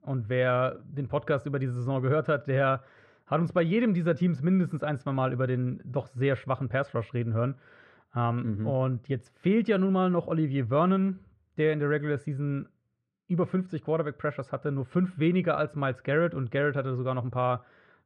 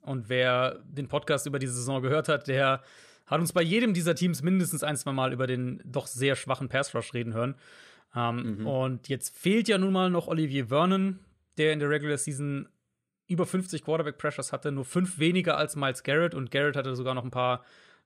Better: second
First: muffled; very; fading above 1.5 kHz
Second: none

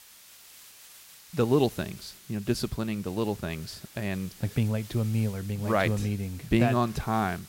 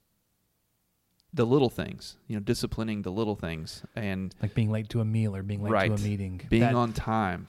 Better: second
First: hiss; noticeable; throughout; 20 dB below the speech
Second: none

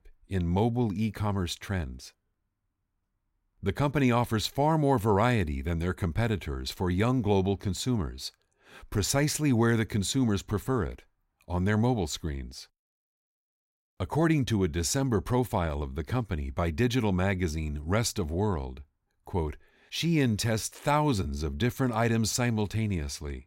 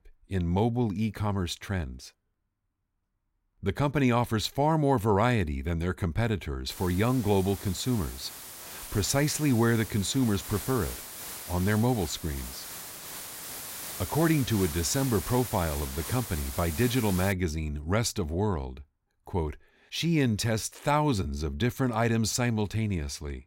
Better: first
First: none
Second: hiss; loud; from 6.5 to 17 s; 10 dB below the speech

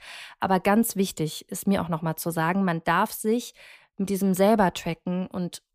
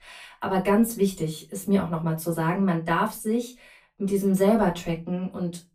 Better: first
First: none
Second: off-mic speech; far // room echo; very slight; dies away in 0.2 s

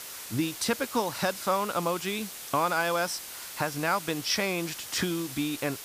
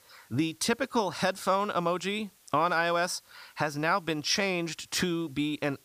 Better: second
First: hiss; loud; throughout; 9 dB below the speech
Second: hiss; faint; throughout; 30 dB below the speech

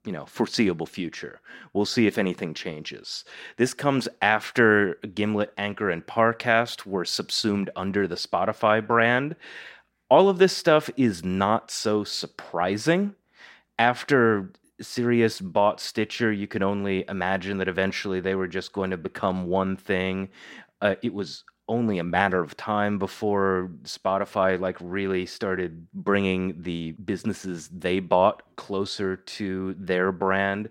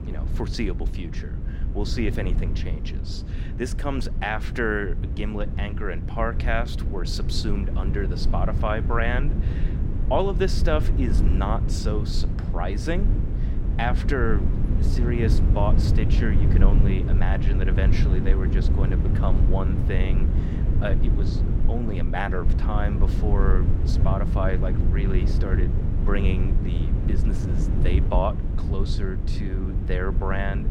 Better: first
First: none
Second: low rumble; loud; throughout; 7 dB below the speech

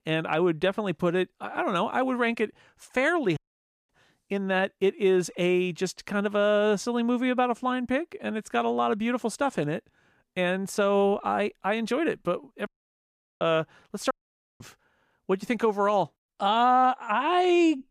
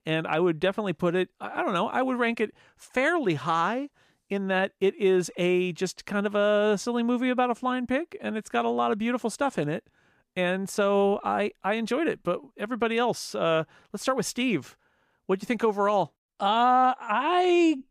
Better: second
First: audio cutting out; at 3.5 s for 0.5 s, at 13 s for 0.5 s and at 14 s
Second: none

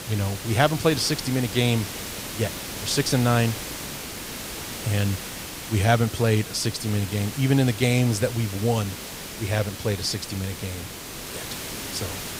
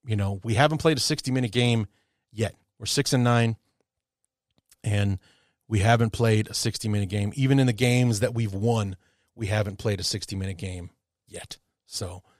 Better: second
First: hiss; loud; throughout; 9 dB below the speech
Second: none

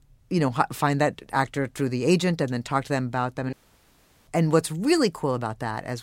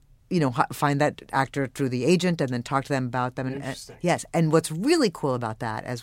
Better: second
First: audio cutting out; at 3.5 s for 0.5 s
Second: none

